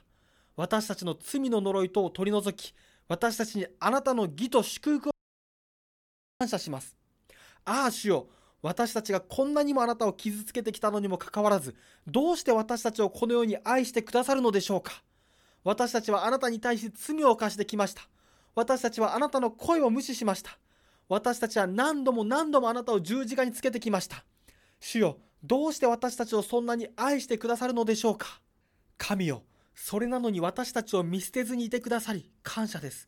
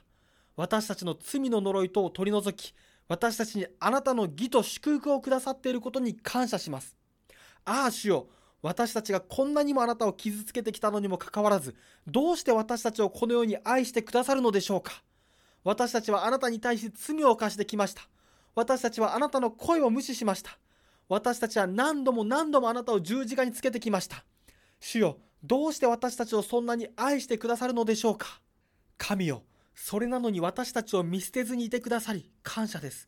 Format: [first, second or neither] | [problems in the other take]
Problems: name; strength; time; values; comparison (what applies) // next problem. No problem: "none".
second | audio cutting out; at 5 s for 1.5 s